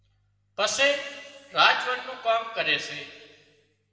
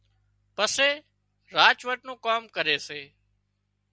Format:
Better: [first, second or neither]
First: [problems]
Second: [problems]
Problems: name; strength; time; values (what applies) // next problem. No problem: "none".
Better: second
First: room echo; dies away in 1.6 s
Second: none